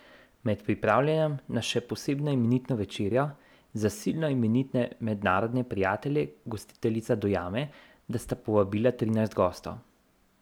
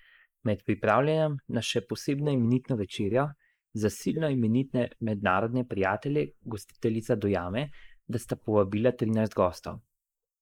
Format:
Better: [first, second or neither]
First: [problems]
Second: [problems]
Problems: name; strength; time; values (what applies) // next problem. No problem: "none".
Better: first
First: none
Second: noise reduction (neural mask model Resemble Enhance denoiser)